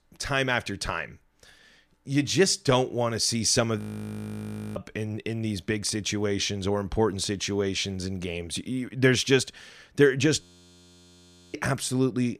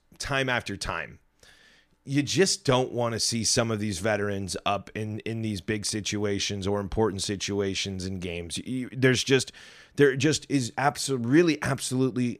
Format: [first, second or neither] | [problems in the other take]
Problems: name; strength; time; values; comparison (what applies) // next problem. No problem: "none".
second | audio freezing; at 4 s for 1 s and at 10 s for 1 s